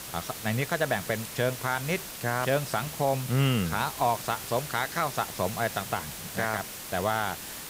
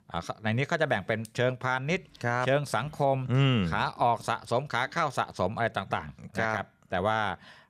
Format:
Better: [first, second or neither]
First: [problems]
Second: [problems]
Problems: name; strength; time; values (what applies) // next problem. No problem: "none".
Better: second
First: hiss; loud; throughout; 8 dB below the speech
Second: none